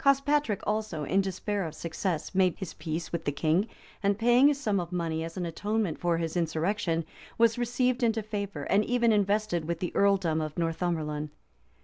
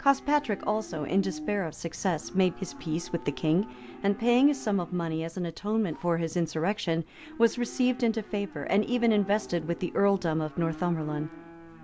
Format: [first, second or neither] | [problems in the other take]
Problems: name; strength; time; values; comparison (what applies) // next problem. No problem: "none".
first | background sound (Livestock, farm animals, working animals); 17 dB below the speech